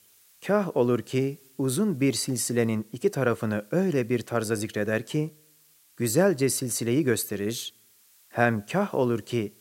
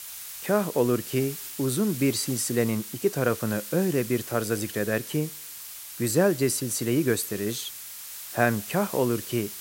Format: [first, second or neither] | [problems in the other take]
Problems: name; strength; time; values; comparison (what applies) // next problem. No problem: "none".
first | hiss; loud; throughout; 10 dB below the speech; faint in the first